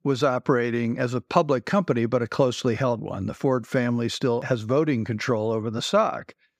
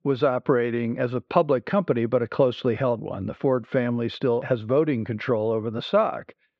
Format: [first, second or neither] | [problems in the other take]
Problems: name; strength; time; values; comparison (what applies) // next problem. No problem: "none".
first | muffled; slightly; fading above 3.5 kHz